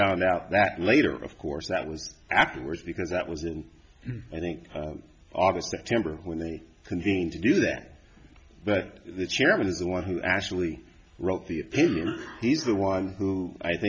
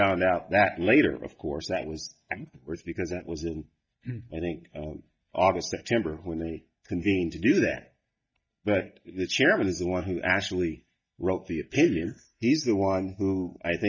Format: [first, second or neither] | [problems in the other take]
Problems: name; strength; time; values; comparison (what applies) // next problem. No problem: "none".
first | noise reduction (neural mask model DeepFilterNet 3)